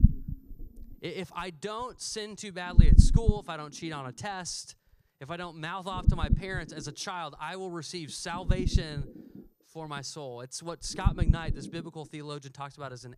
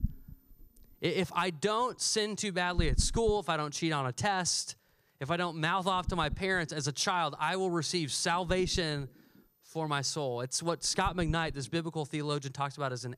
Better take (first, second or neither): second